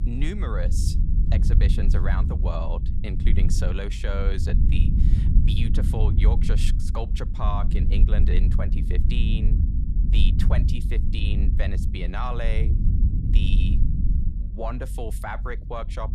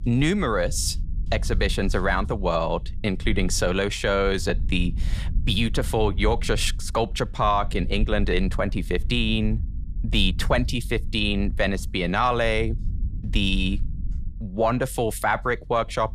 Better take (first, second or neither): second